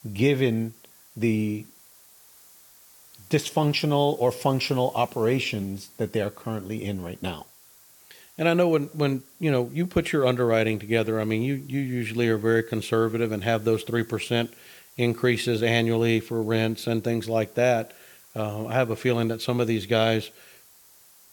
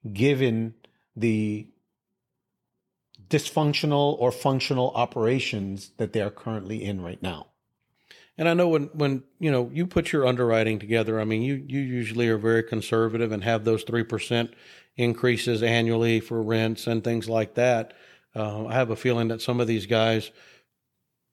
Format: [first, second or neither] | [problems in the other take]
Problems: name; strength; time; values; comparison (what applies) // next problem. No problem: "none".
second | hiss; faint; throughout; 25 dB below the speech